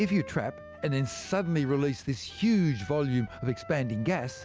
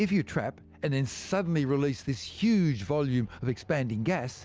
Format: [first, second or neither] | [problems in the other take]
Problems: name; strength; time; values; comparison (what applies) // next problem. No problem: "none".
second | background sound (Wind instrument, woodwind instrument); 19 dB below the speech